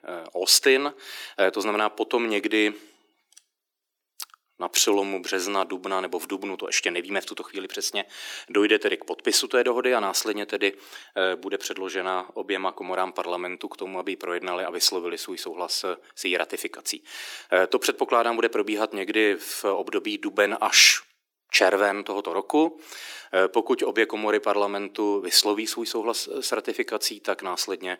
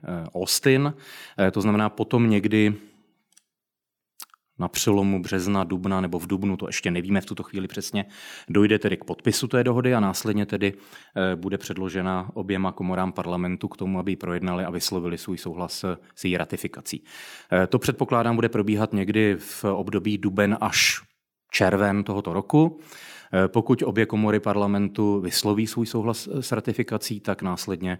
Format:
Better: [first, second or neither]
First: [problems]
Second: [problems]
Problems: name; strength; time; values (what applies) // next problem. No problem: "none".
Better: second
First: thin; very; fading below 350 Hz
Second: none